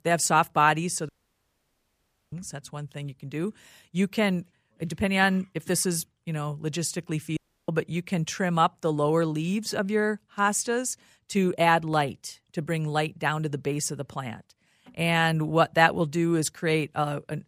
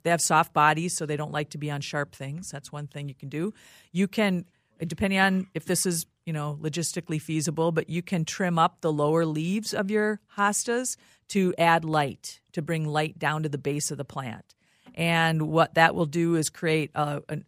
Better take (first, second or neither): second